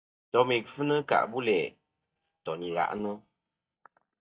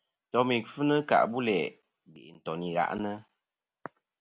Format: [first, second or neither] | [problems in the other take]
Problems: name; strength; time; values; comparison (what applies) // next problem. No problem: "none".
second | noise reduction (neural mask model DeepFilterNet 3)